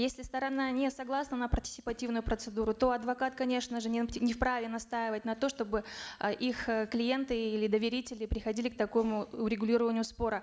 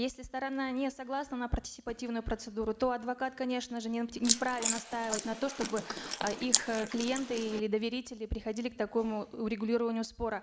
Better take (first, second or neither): first